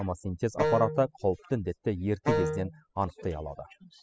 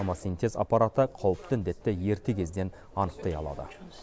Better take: second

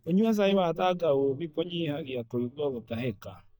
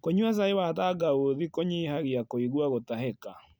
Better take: second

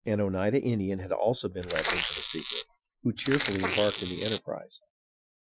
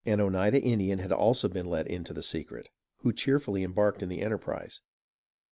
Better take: second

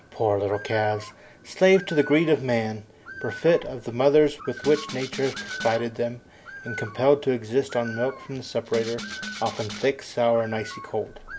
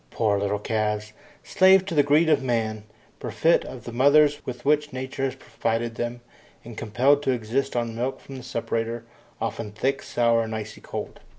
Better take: second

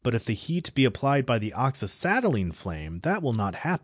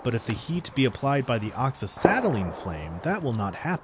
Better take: first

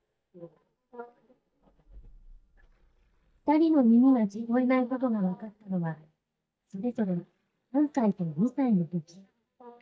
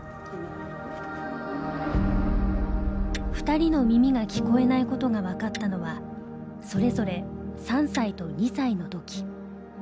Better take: second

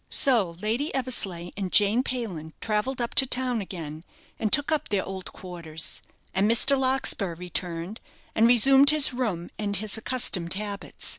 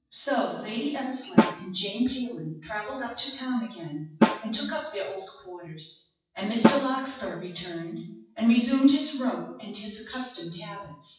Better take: first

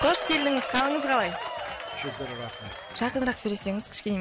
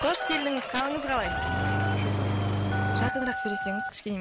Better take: first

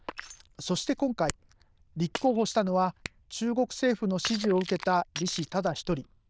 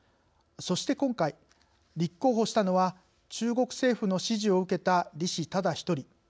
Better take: second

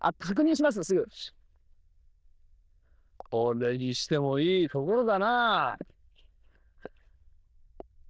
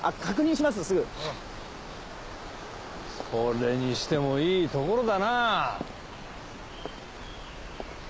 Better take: second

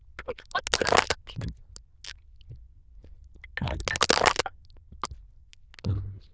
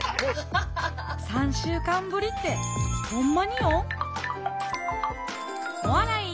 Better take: second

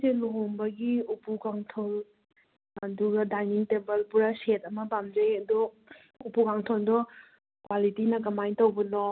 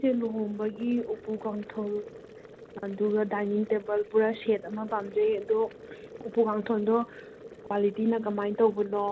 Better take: first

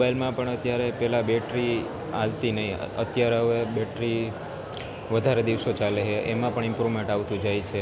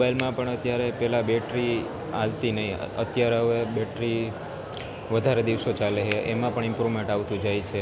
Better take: first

